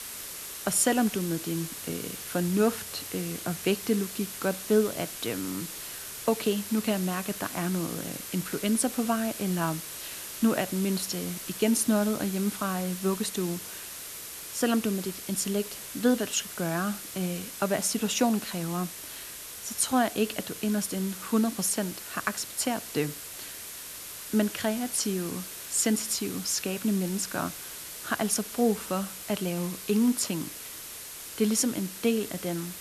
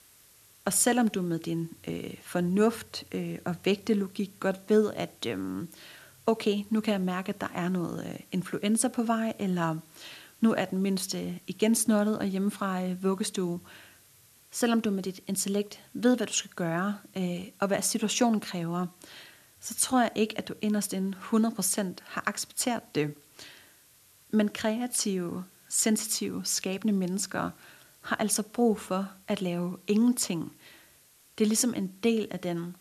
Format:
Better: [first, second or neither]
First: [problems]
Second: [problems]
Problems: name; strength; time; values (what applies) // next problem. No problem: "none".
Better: second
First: hiss; loud; throughout; 8 dB below the speech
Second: hiss; faint; throughout; 25 dB below the speech